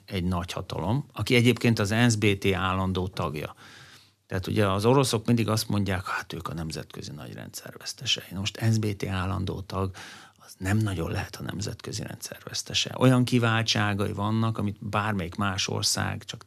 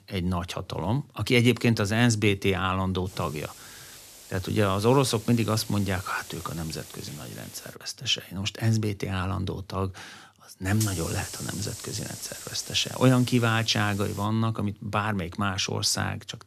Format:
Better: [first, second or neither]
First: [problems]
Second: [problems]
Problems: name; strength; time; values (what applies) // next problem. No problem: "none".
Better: first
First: none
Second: hiss; noticeable; from 3 to 7.5 s and from 11 to 14 s; 15 dB below the speech